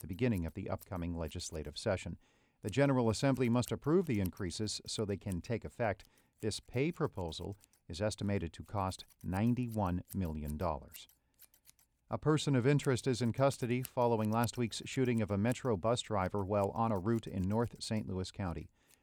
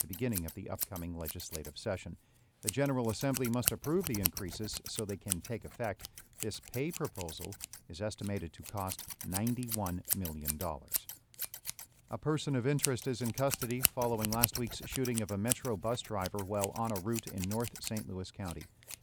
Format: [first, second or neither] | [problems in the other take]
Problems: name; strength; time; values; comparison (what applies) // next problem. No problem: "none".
first | household noises; loud; throughout; as loud as the speech; faint in the first